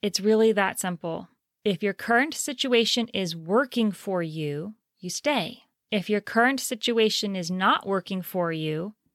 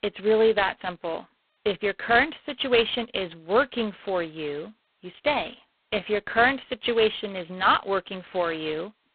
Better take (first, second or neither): first